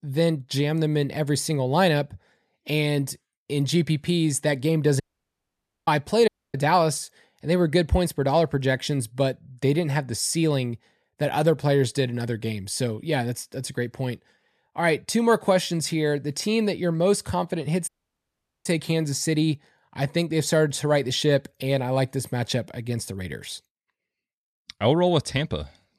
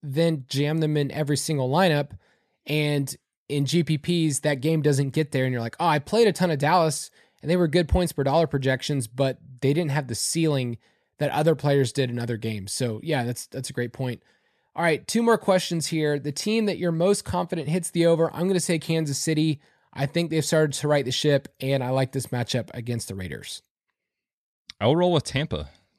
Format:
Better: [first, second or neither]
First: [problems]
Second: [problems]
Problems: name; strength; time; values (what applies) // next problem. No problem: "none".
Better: second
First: audio cutting out; at 5 s for 1 s, at 6.5 s and at 18 s for 1 s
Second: none